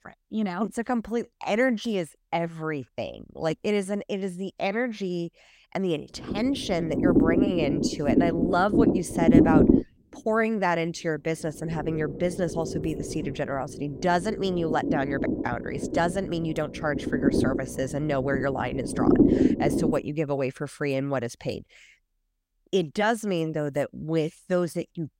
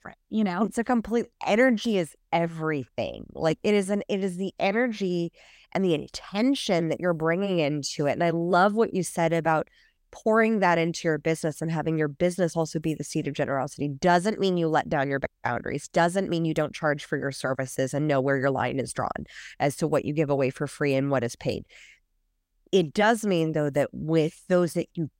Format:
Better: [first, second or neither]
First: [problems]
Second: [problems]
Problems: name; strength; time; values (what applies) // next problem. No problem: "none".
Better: second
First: low rumble; loud; from 6 to 20 s; as loud as the speech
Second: none